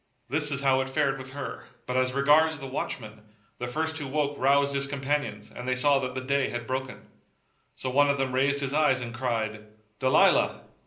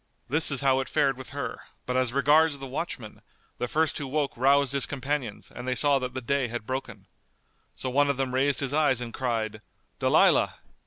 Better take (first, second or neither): second